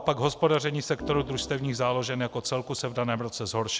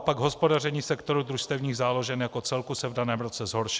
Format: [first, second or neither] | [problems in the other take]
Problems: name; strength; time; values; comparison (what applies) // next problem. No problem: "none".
second | background sound (Organ); 14 dB below the speech